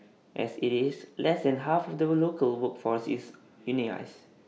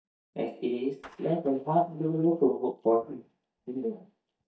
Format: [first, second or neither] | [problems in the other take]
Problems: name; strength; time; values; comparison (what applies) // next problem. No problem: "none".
first | noise reduction (neural mask model DeepFilterNet 3)